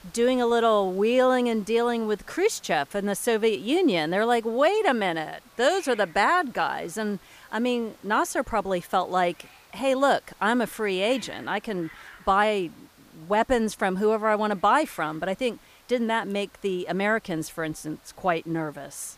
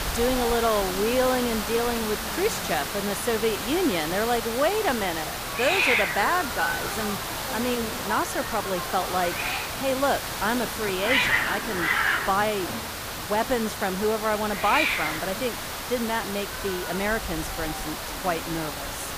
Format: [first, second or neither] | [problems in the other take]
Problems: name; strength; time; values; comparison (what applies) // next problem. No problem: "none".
first | hiss; loud; throughout; 1 dB below the speech; faint in the first